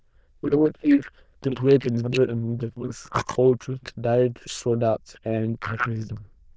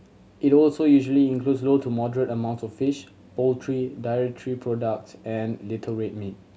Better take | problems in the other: second | noise reduction (neural diffusion model UNIVERSE++)

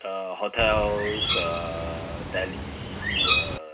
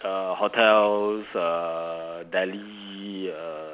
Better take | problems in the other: second | background sound (Bird); 1 dB above the speech // room echo; dies away in 0.2 s

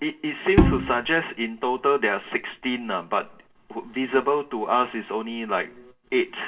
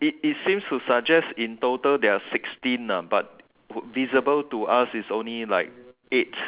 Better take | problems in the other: second | background sound (Bowed string instrument); 3 dB above the speech // room echo; dies away in 0.2 s

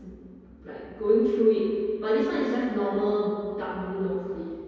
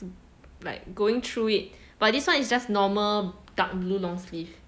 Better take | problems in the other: second | room echo; dies away in 2.2 s

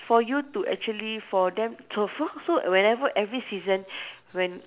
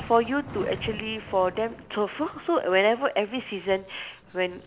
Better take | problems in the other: first | background sound (Thunder); 17 dB below the speech

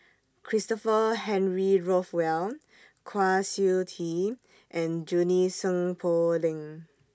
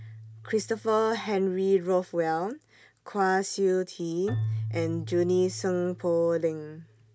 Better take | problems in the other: first | background sound (Keyboard (musical)); 11 dB below the speech

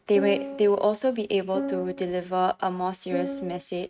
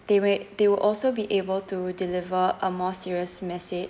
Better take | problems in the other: second | noise reduction (neural mask model RNNoise)

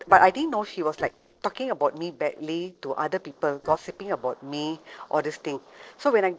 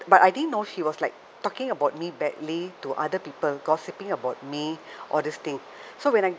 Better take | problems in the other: second | noise reduction (neural separator model SepFormer DNS4)

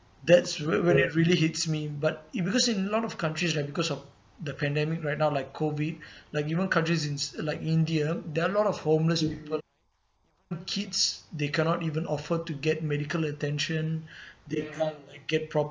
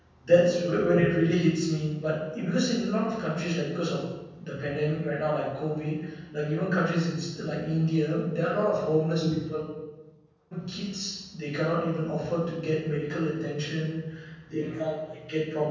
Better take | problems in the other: first | room echo; dies away in 1.1 s

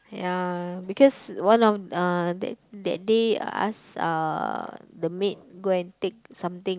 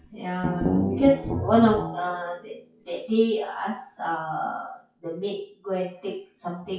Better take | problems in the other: first | noise reduction (classical method WPE with log-MMSE)

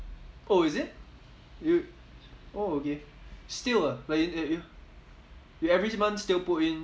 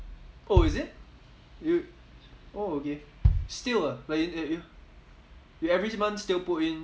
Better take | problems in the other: first | background sound (Bass drum); as loud as the speech

